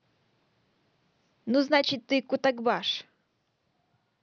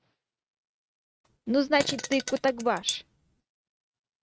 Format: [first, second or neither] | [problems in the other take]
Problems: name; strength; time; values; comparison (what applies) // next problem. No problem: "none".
first | noise reduction (neural mask model RNNoise)